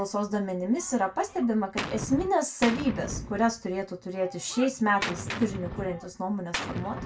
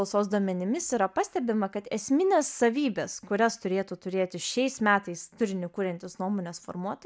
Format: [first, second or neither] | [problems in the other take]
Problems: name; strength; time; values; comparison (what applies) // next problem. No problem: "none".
second | background sound (Gunshot, gunfire); 9 dB below the speech // room echo; dies away in 0.2 s